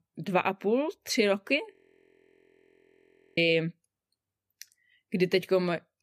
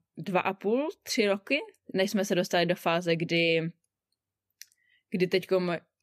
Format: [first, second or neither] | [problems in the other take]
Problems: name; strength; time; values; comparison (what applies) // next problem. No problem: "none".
second | audio freezing; at 1.5 s for 1.5 s